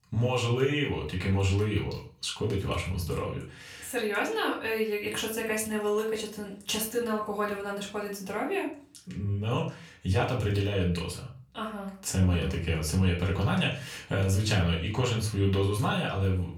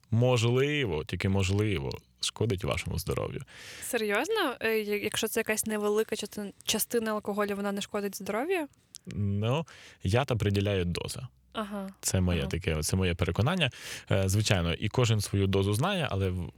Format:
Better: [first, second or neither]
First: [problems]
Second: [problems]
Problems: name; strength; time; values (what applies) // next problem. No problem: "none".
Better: second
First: off-mic speech; far // room echo; slight; dies away in 0.3 s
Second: none